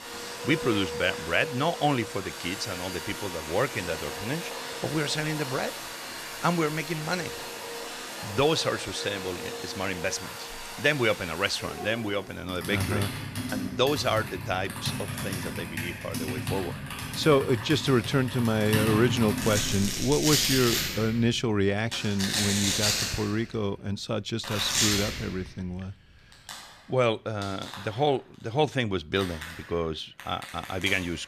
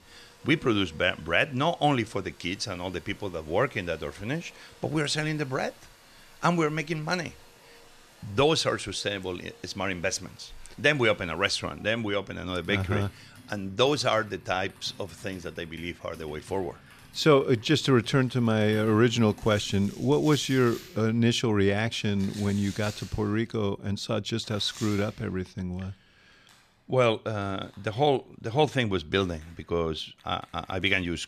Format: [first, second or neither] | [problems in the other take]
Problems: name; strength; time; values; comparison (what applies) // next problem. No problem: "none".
second | household noises; loud; throughout; 4 dB below the speech; faint in the second